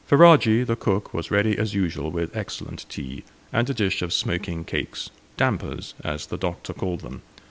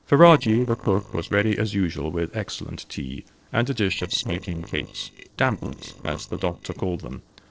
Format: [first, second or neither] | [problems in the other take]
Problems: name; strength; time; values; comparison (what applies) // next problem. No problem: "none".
first | noise reduction (neural separator model SepFormer DNS4)